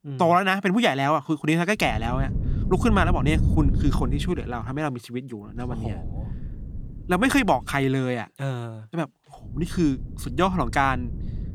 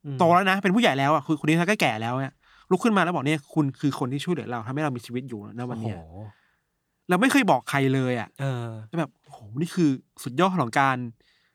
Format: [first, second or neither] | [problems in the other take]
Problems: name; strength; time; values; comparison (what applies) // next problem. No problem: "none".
second | wind noise on the microphone; occasional gusts; from 2 to 4.5 s, from 5.5 to 8 s and from 9.5 s on; 15 dB below the speech